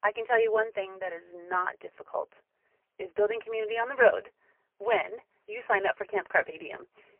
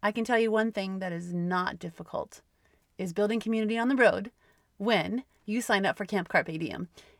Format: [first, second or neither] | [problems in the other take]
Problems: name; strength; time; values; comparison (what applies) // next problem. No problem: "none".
second | phone-call audio; poor line; nothing above 3 kHz